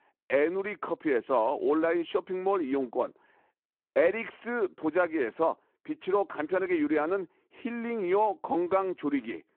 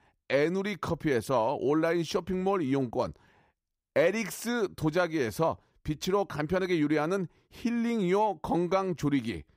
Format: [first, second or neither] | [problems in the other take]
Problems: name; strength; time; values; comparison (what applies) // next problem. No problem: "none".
second | phone-call audio